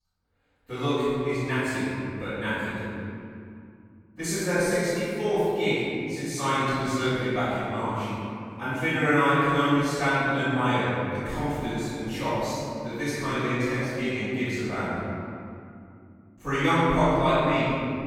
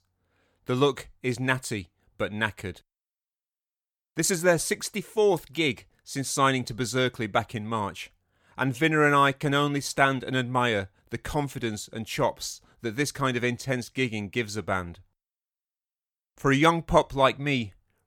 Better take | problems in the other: second | off-mic speech; far // room echo; strong; dies away in 2.7 s

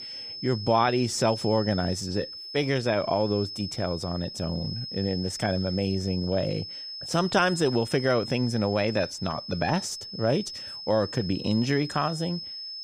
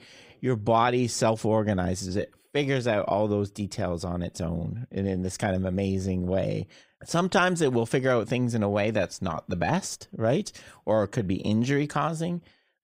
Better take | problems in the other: second | high-pitched whine; loud; throughout; 5 kHz, 9 dB below the speech

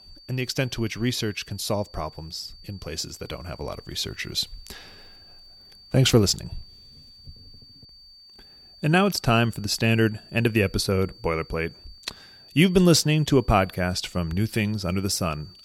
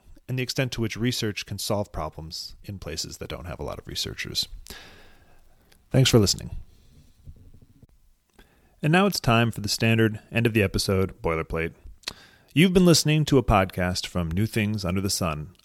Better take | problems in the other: second | high-pitched whine; faint; throughout; 4.5 kHz, 25 dB below the speech

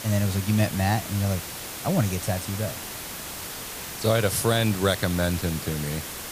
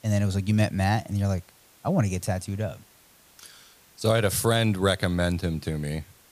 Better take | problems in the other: second | hiss; loud; throughout; 8 dB below the speech; faint in the second

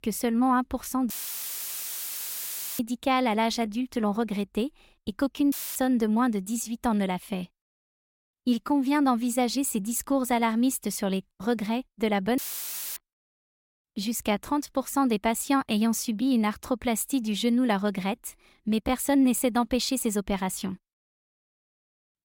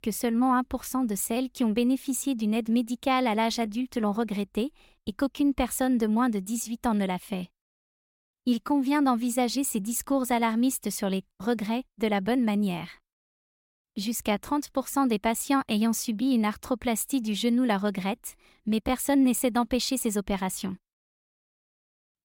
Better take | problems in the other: second | audio cutting out; filled with static; at 1 s for 1.5 s, at 5.5 s and at 12 s for 0.5 s

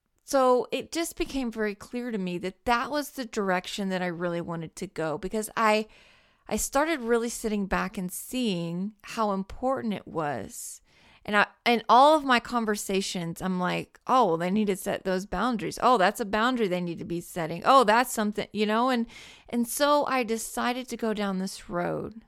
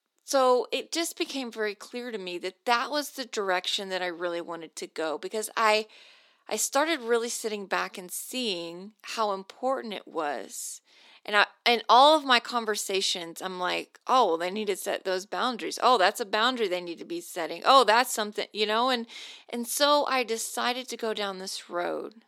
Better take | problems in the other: first | thin; somewhat; fading below 300 Hz

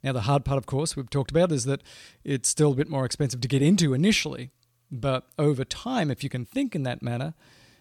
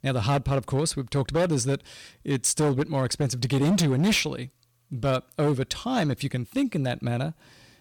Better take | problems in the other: first | distortion; slight; 9% of the sound clipped

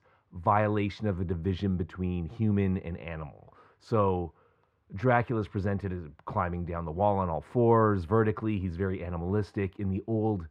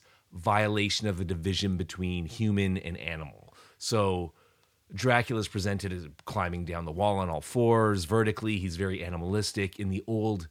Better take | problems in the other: second | muffled; very; fading above 3 kHz

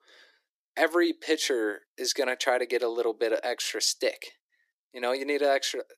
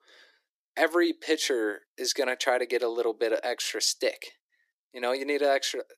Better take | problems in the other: neither | thin; very; fading below 300 Hz; the same in both

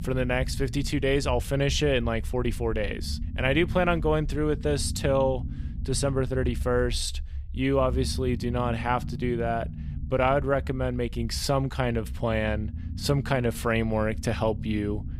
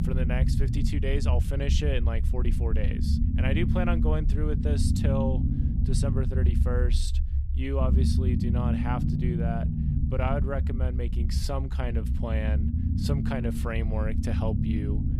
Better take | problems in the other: first | low rumble; loud; throughout; 4 dB below the speech; faint in the first

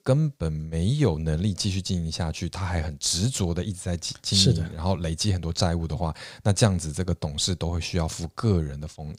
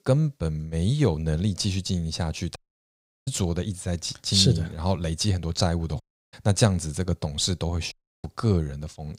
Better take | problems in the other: first | audio cutting out; at 2.5 s for 0.5 s, at 6 s and at 8 s

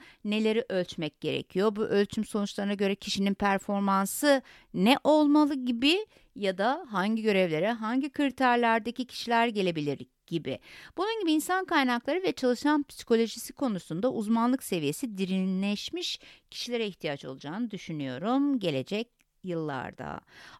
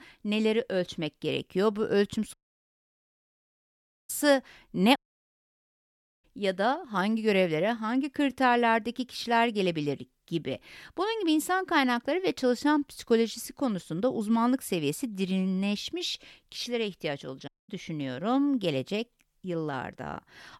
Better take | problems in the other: first | audio cutting out; at 2.5 s for 2 s, at 5 s for 1.5 s and at 17 s

